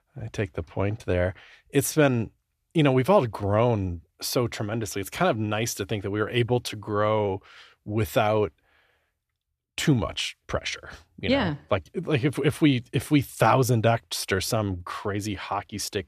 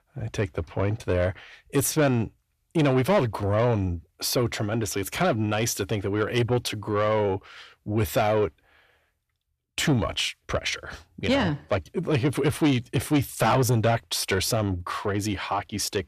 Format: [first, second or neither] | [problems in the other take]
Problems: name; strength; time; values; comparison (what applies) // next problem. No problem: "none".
first | distortion; slight; 10 dB below the speech